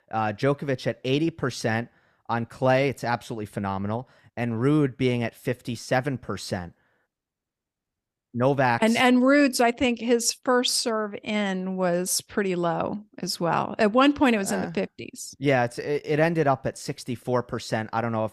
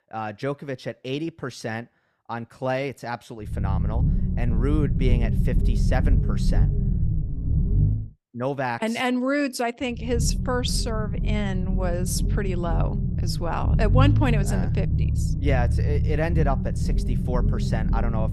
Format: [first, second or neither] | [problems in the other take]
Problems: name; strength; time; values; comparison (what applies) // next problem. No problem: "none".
first | low rumble; loud; from 3.5 to 8 s and from 10 s on; 8 dB below the speech